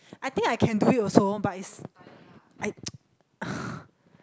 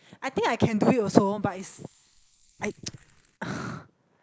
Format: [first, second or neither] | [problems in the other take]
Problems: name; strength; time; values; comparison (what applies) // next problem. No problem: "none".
first | noise reduction (neural mask model Resemble Enhance denoiser)